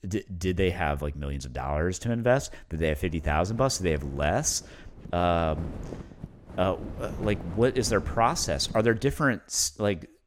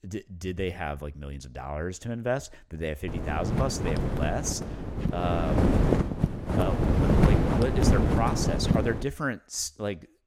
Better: first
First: wind noise on the microphone; occasional gusts; from 3 to 9 s; 20 dB below the speech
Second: wind noise on the microphone; heavy; from 3 to 9 s; 1 dB above the speech

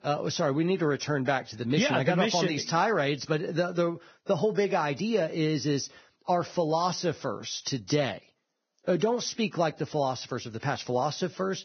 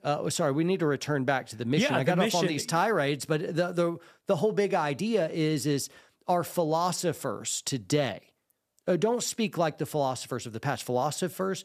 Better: second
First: garbled, watery; badly; nothing above 6 kHz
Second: none

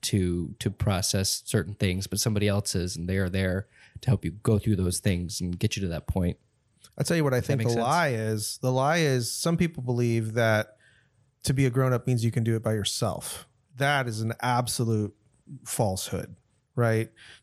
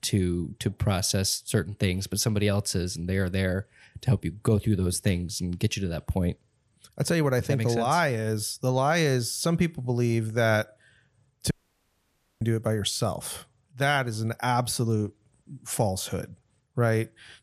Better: first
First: none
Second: audio cutting out; at 12 s for 1 s

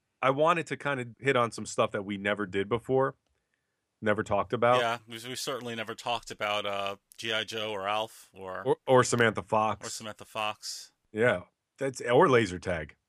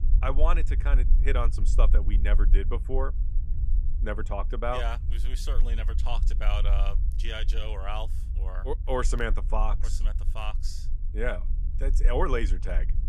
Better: first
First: none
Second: low rumble; noticeable; throughout; 15 dB below the speech

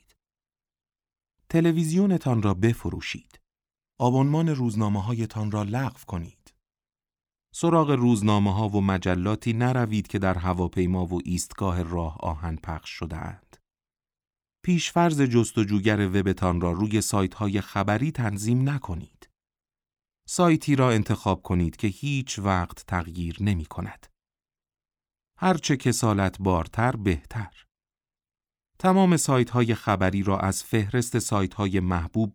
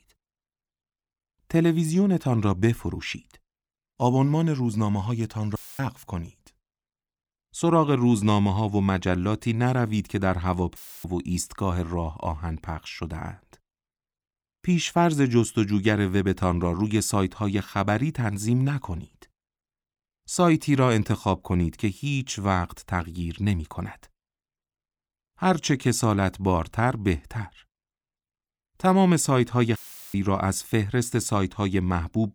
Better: first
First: none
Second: audio cutting out; filled with static; at 5.5 s, at 11 s and at 30 s

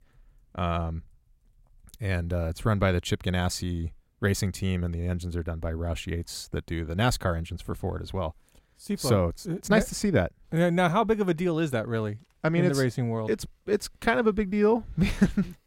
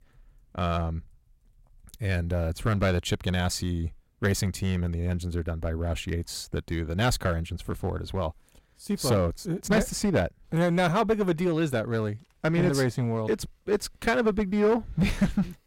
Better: first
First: none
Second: distortion; slight; 4% of the sound clipped

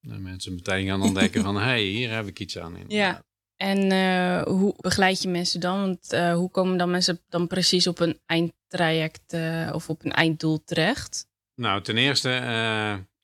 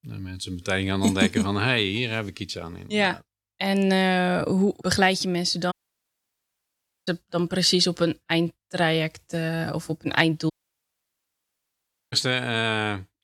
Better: first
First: none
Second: audio cutting out; at 5.5 s for 1.5 s and at 11 s for 1.5 s

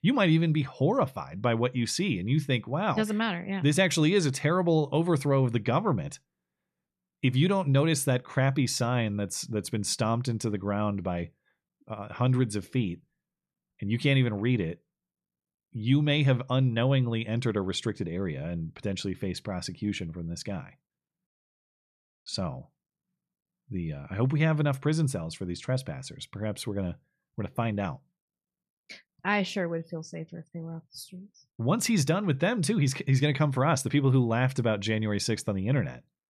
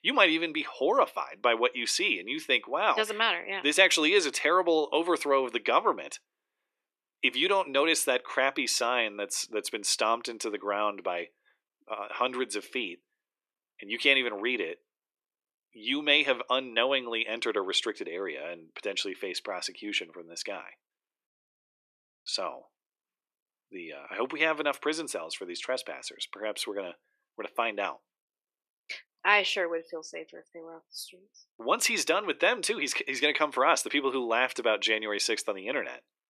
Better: first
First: none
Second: thin; very; fading below 350 Hz

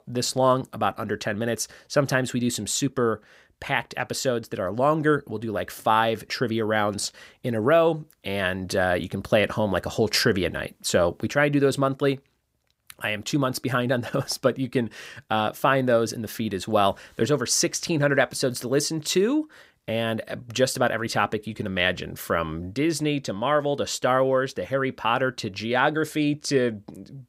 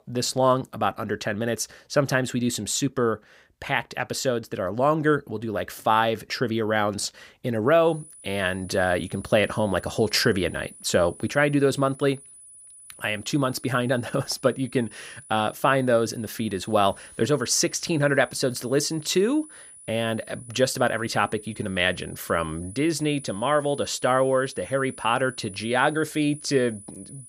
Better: first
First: none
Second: high-pitched whine; noticeable; from 8 s on; 10 kHz, 20 dB below the speech

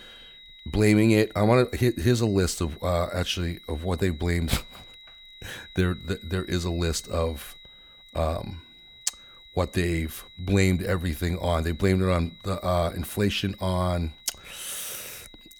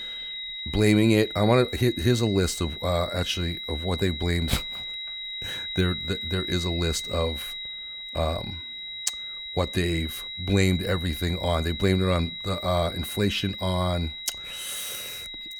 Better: first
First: high-pitched whine; faint; throughout; 4 kHz, 20 dB below the speech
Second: high-pitched whine; loud; throughout; 4 kHz, 7 dB below the speech

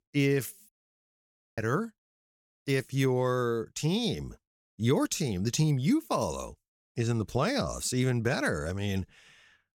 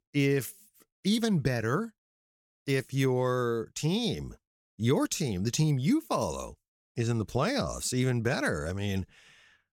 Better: second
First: audio cutting out; at 0.5 s for 1 s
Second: none

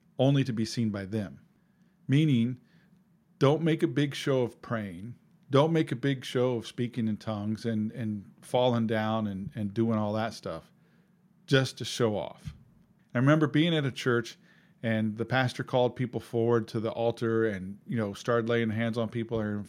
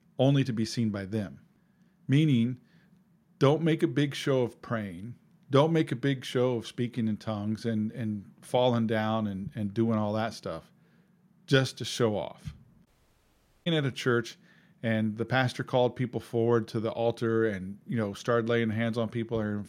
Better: first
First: none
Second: audio cutting out; at 13 s for 1 s

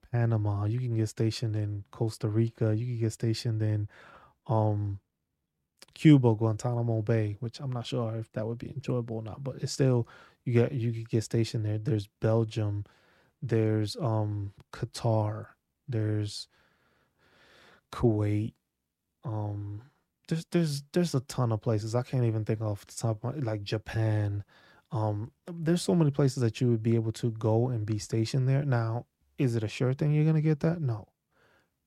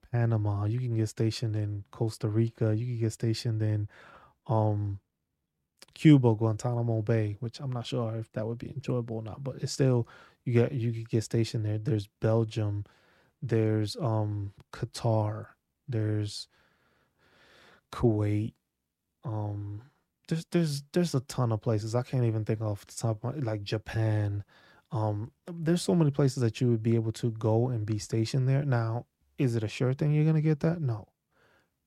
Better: neither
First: none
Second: none

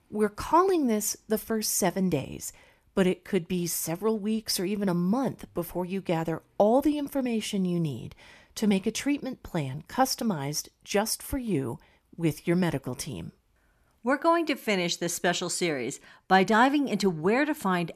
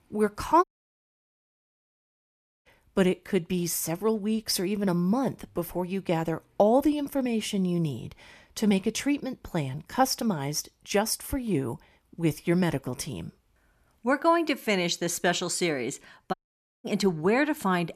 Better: first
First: none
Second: audio cutting out; at 0.5 s for 2 s and at 16 s for 0.5 s

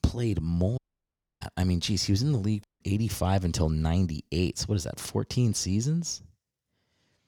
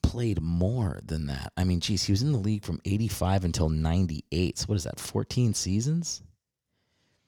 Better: second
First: audio cutting out; at 1 s for 0.5 s and at 2.5 s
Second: none

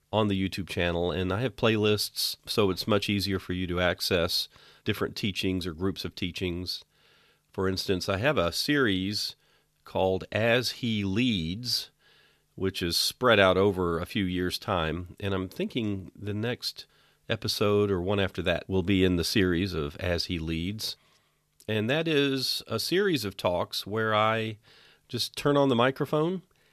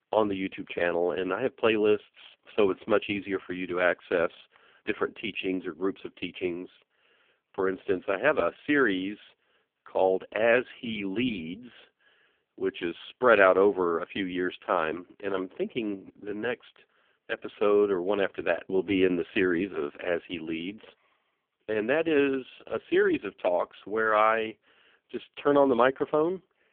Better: first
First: none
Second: phone-call audio; poor line

